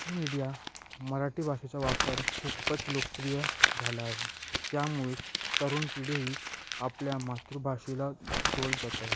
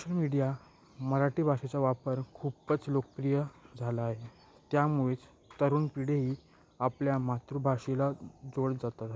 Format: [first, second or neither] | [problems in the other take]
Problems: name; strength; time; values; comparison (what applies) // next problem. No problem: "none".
second | background sound (Crumpling, crinkling); as loud as the speech